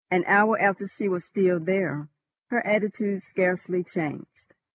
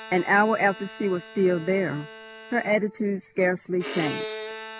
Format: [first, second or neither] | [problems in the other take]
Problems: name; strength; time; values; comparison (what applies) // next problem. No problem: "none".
first | background sound (Bowed string instrument); 13 dB below the speech